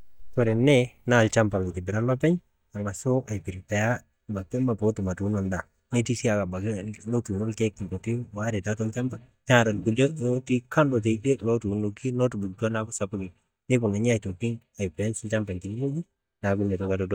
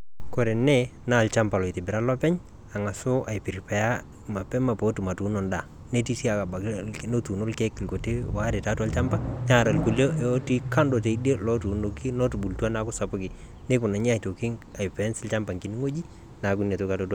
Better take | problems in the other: second | noise reduction (neural mask model DeepFilterNet 3)

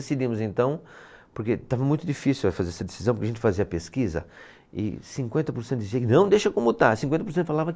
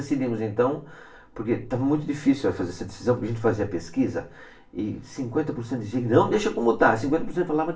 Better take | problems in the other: first | room echo; dies away in 0.3 s

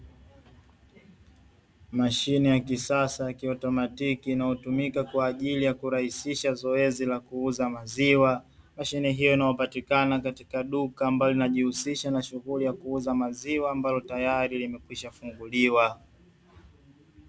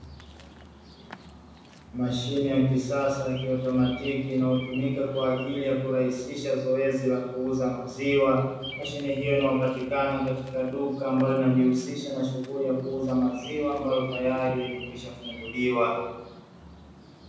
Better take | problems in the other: first | background sound (Bird vocalization, bird call, bird song); 18 dB below the speech // room echo; dies away in 1.1 s

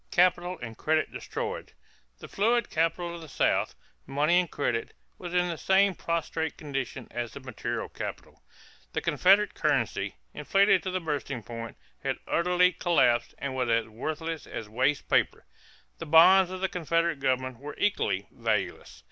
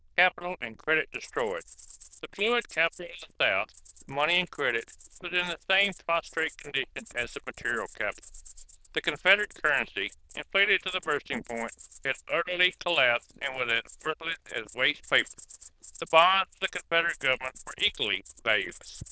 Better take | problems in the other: first | noise reduction (neural diffusion model UNIVERSE++)

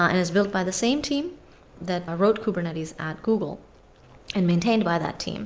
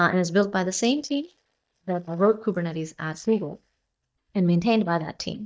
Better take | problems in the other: first | noise reduction (neural mask model DeepFilterNet 3)

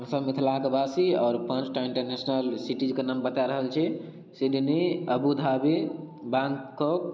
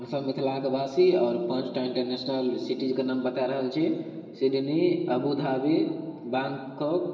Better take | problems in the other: first | room echo; dies away in 2.4 s

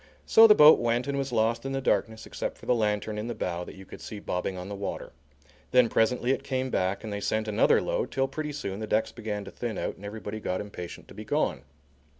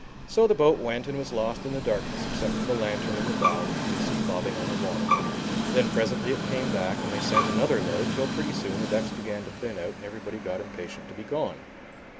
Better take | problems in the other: first | background sound (Train + Bowed string instrument); 1 dB below the speech

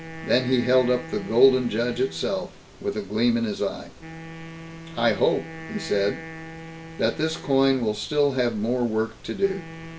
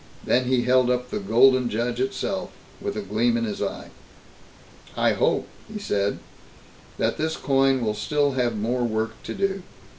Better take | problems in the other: second | background sound (Wind instrument, woodwind instrument); 15 dB below the speech

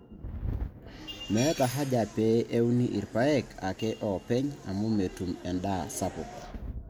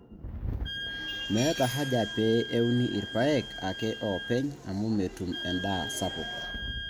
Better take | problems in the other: first | background sound (Wind instrument, woodwind instrument); 9 dB below the speech

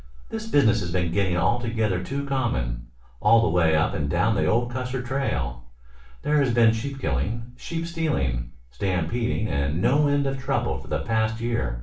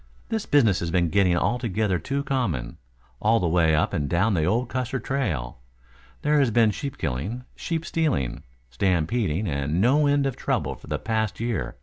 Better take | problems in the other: second | room echo; dies away in 0.3 s

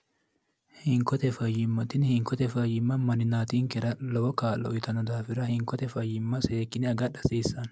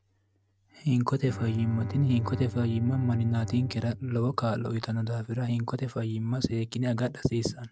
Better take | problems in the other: first | noise reduction (neural mask model RNNoise)

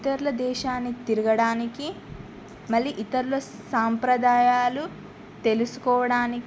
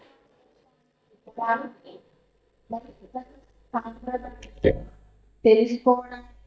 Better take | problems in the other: first | noise reduction (neural mask model DeepFilterNet 3)

